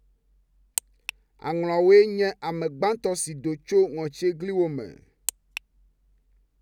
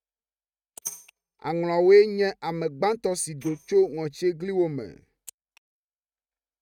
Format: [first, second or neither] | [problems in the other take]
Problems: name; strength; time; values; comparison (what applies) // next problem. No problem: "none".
first | noise reduction (neural mask model RNNoise)